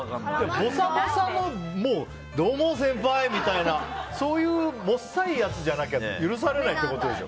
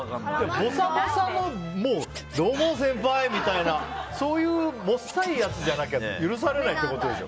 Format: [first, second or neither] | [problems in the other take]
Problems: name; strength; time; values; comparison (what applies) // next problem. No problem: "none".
first | background sound (Scratching (performance technique)); 17 dB below the speech